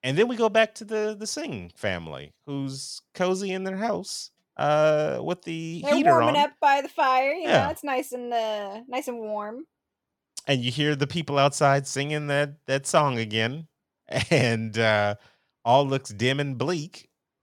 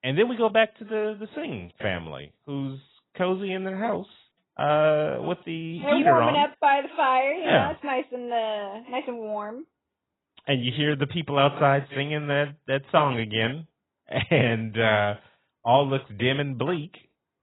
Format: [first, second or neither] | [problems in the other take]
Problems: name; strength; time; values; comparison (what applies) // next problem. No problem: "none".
first | garbled, watery; badly; nothing above 3.5 kHz